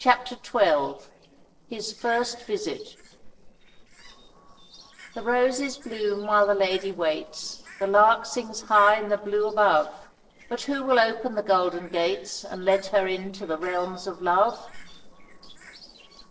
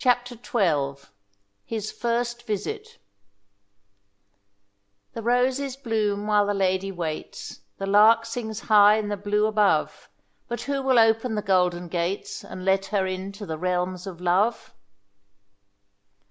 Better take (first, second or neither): second